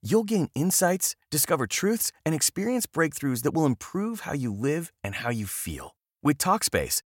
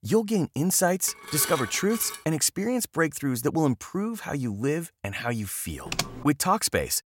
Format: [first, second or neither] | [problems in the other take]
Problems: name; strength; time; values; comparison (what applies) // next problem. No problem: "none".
first | clattering dishes; noticeable; from 1 to 2 s; peak 6 dB below the speech // keyboard typing; noticeable; at 6 s; peak 4 dB below the speech